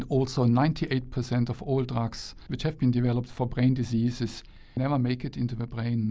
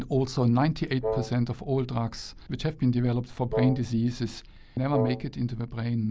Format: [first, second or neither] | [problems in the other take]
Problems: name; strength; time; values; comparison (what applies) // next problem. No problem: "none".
first | background sound (Wind instrument, woodwind instrument); 5 dB below the speech